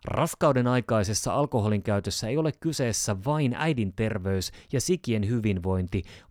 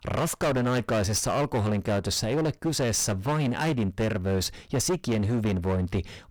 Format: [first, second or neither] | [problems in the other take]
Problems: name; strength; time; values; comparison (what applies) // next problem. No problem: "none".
first | distortion; heavy; 21% of the sound clipped